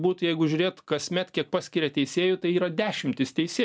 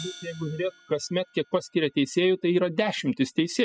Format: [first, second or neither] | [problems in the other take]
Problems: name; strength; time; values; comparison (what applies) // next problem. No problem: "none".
first | noise reduction (classical method spectral subtraction)